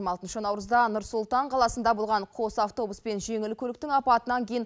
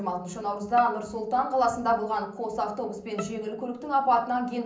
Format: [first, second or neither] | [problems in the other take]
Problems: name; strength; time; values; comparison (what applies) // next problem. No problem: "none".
first | background sound (Bowed string instrument); 19 dB below the speech // room echo; dies away in 0.6 s